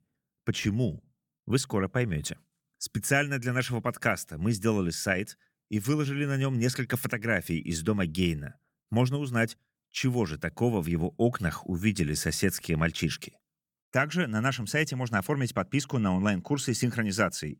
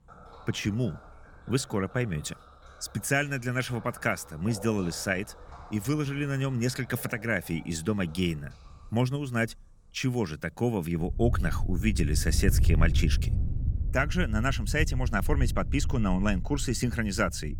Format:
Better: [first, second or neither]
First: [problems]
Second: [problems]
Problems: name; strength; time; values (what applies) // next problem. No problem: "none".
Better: first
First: none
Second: rain or running water; loud; throughout; 1 dB below the speech